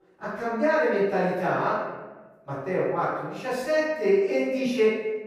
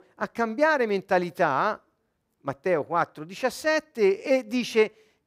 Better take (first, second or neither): second